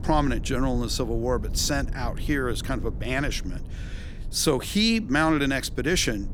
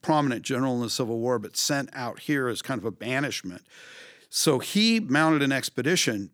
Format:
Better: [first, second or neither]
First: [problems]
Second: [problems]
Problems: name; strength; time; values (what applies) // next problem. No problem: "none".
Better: second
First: low rumble; faint; throughout; 20 dB below the speech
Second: none